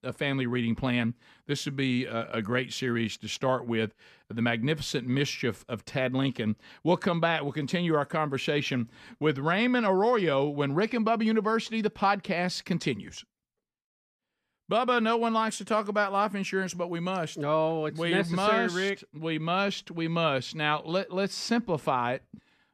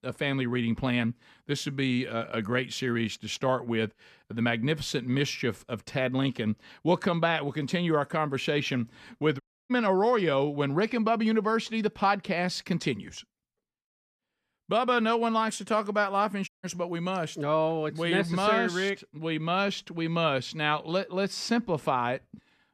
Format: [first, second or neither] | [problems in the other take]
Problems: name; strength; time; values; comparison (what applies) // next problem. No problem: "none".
first | audio cutting out; at 9.5 s and at 16 s